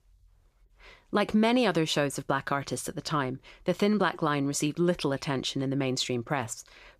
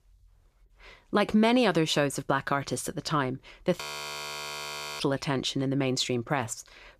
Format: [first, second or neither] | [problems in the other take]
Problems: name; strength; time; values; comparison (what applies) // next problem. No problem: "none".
first | audio freezing; at 4 s for 1 s